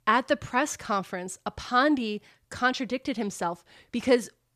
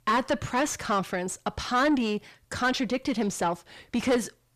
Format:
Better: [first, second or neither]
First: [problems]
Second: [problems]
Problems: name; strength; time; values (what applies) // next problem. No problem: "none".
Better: first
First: none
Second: distortion; heavy; 7 dB below the speech